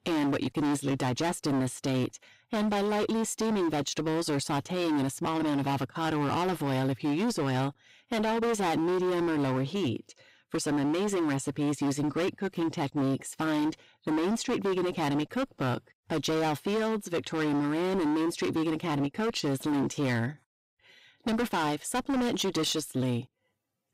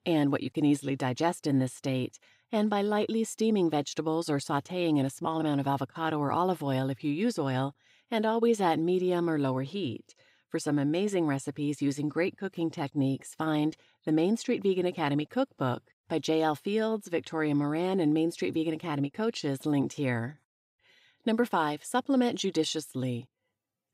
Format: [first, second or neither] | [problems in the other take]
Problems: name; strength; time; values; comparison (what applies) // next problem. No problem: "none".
second | distortion; heavy; 27% of the sound clipped